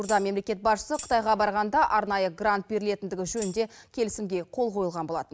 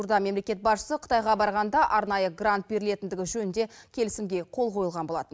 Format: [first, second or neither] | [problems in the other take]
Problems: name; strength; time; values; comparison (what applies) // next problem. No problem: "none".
second | background sound (Tambourine); 18 dB below the speech